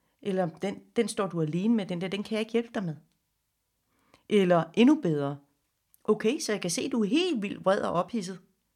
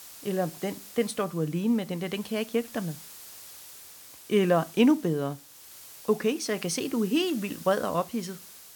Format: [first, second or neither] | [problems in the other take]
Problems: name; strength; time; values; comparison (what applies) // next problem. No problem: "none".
first | hiss; noticeable; throughout; 15 dB below the speech